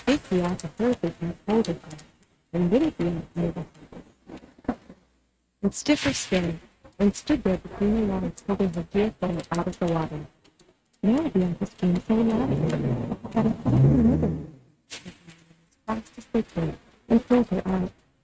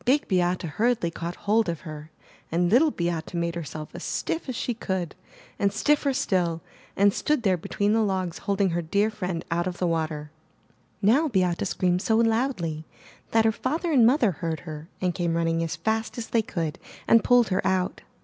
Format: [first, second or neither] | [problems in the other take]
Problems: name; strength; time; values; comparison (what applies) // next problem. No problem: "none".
second | noise reduction (neural mask model RNNoise)